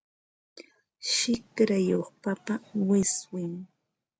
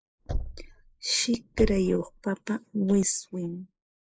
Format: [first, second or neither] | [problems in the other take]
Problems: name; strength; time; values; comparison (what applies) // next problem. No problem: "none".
first | noise reduction (neural mask model Resemble Enhance denoiser)